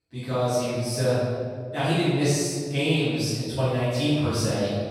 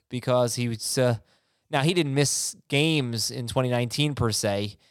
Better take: second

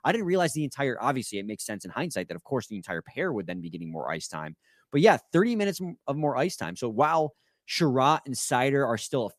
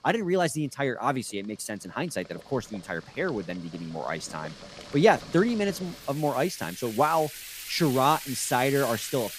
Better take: first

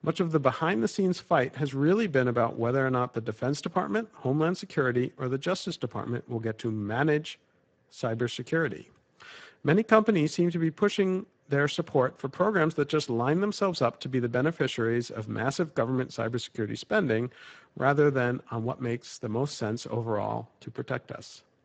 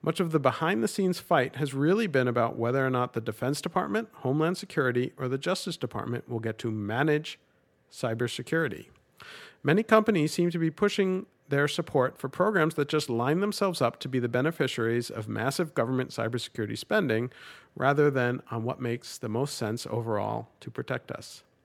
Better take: second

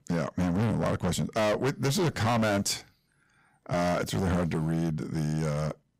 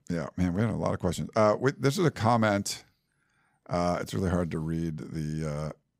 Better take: second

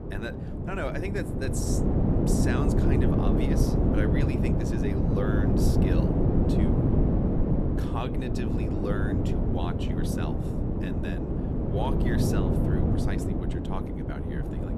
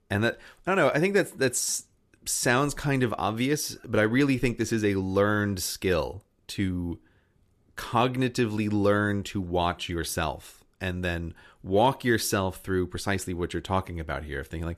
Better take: second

